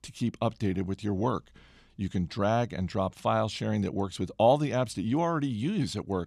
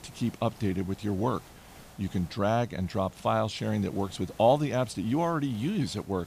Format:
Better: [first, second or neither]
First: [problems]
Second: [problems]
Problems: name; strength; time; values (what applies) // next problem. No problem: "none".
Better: first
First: none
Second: hiss; faint; throughout; 20 dB below the speech